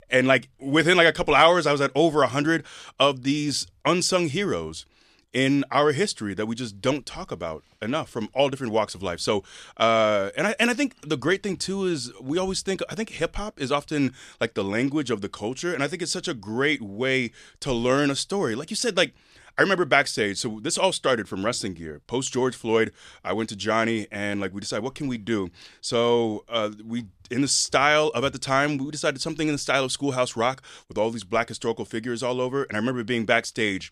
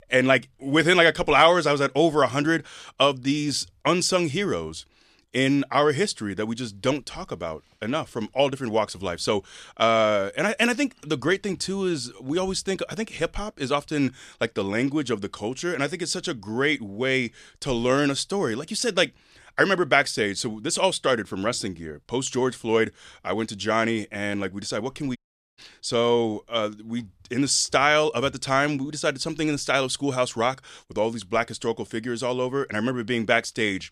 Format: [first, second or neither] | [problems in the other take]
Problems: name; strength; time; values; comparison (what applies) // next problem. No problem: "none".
first | audio cutting out; at 25 s